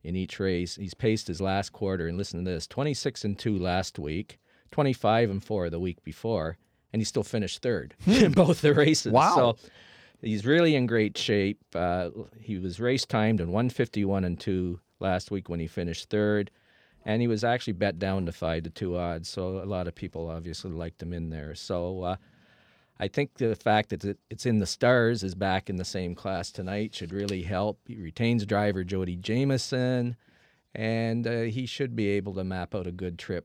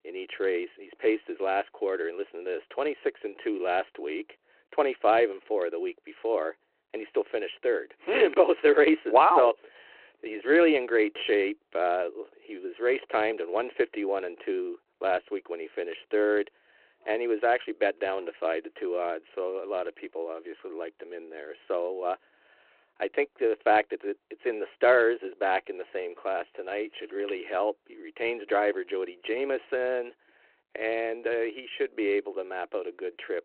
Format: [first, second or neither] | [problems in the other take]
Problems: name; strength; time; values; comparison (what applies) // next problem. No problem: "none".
first | phone-call audio